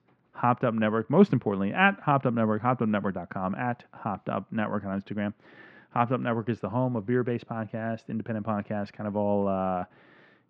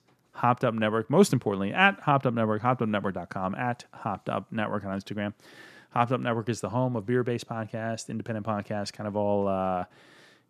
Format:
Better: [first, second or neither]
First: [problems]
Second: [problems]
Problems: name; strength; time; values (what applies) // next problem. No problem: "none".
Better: second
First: muffled; very; fading above 2.5 kHz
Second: none